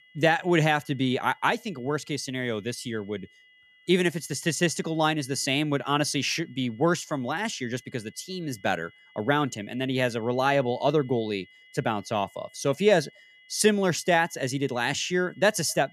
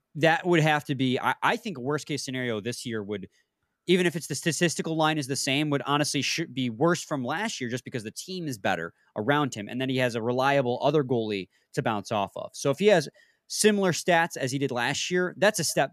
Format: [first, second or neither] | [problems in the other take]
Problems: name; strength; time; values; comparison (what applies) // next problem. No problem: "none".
second | high-pitched whine; faint; throughout; 2 kHz, 30 dB below the speech